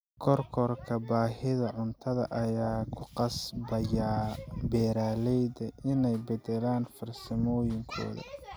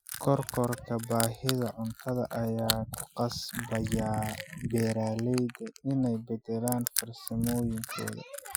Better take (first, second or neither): first